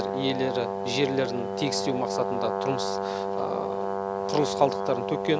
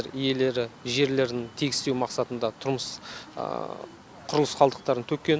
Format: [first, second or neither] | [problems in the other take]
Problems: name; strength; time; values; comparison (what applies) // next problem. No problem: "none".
second | background sound (Brass instrument); 1 dB below the speech